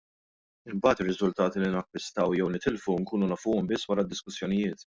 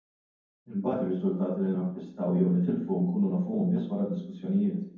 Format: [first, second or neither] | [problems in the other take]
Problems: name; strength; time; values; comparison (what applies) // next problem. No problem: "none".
first | room echo; dies away in 0.9 s